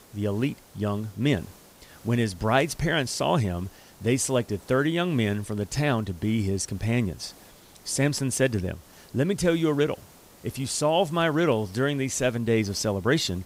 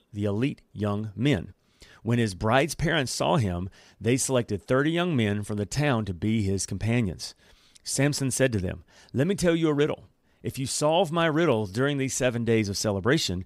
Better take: second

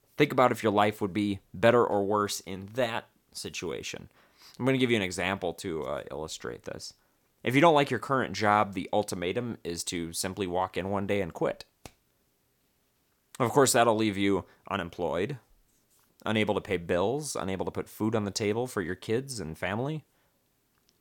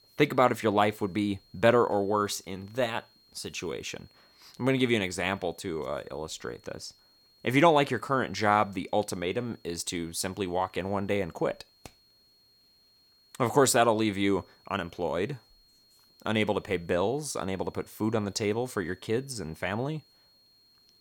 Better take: first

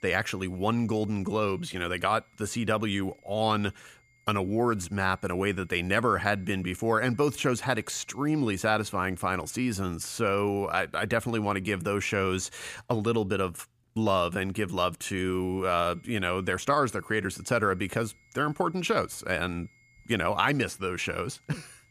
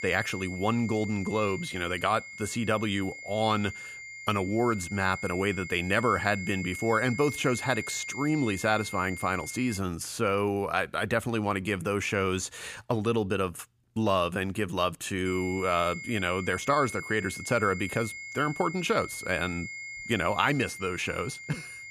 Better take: first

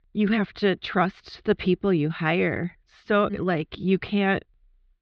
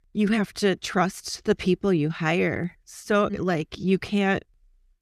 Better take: second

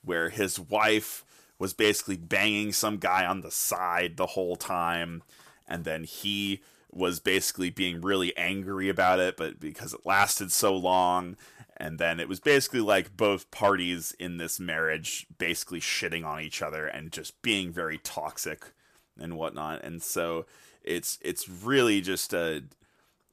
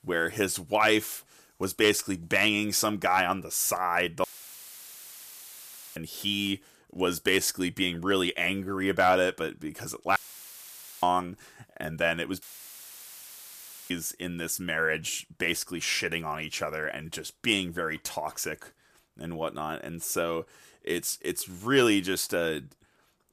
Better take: first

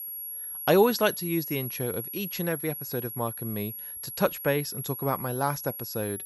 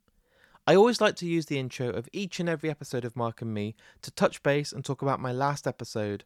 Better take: second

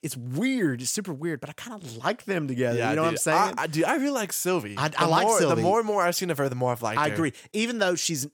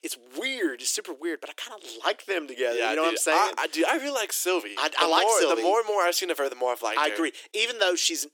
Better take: first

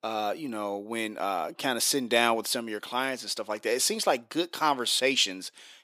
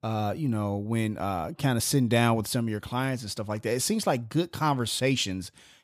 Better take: second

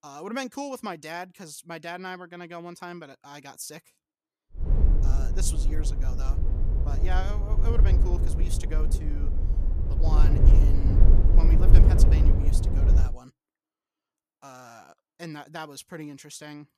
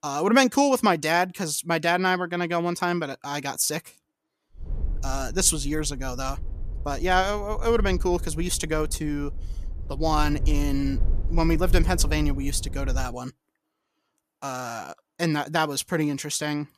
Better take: second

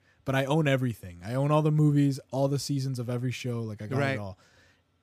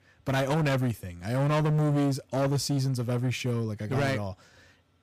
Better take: first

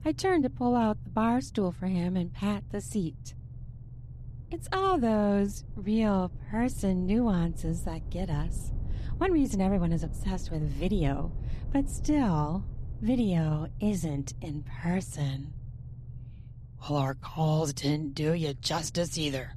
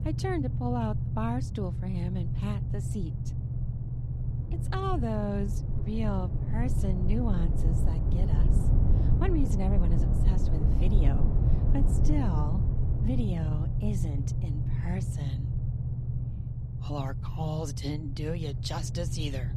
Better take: first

